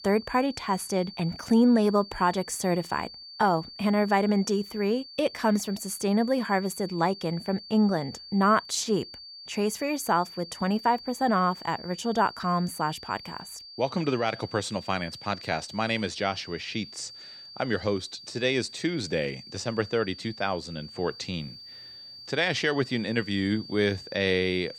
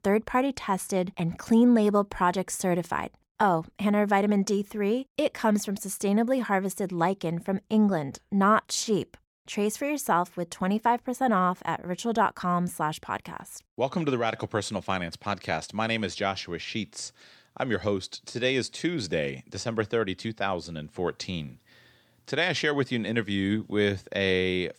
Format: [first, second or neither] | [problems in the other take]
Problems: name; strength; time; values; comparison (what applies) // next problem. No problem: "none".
second | high-pitched whine; noticeable; throughout; 4.5 kHz, 15 dB below the speech